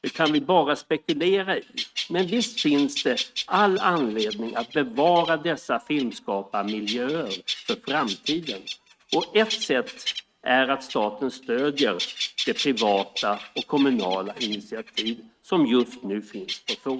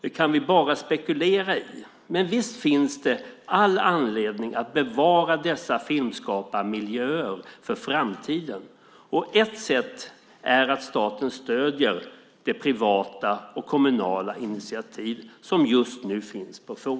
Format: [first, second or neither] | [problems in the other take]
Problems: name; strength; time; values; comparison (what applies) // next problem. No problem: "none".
second | noise reduction (neural mask model RNNoise)